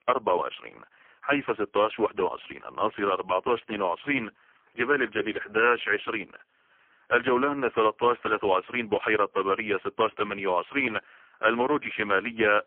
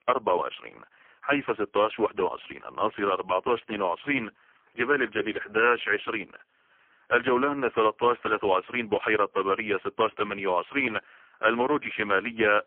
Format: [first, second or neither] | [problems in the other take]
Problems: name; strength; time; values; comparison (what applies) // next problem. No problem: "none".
neither | phone-call audio; poor line; nothing above 3 kHz; the same in both